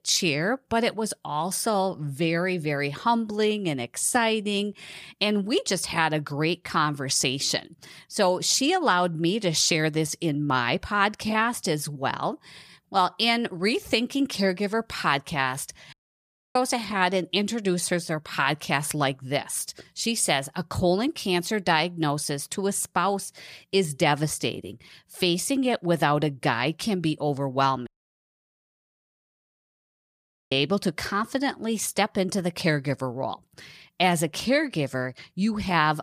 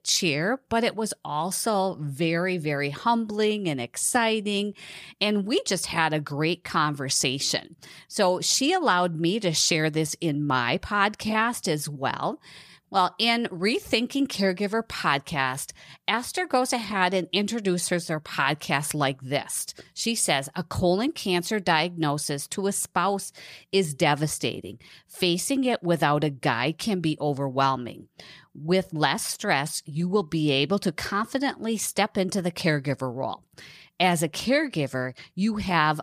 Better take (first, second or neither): second